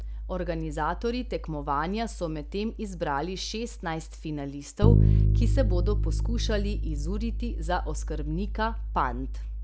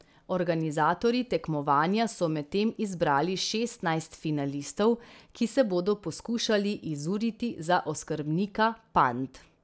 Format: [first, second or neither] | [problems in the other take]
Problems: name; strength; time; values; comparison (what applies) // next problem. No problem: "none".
second | background sound (Bass guitar); 4 dB above the speech